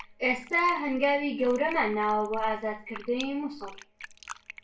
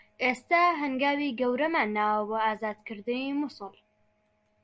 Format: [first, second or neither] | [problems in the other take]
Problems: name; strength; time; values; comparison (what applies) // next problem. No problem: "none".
second | background sound (Fill (with liquid)); 18 dB below the speech // room echo; dies away in 0.3 s